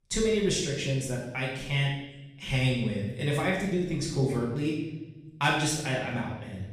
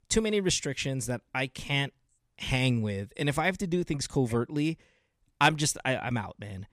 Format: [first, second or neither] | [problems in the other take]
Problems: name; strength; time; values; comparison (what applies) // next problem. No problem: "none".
second | room echo; noticeable; dies away in 0.9 s // off-mic speech; far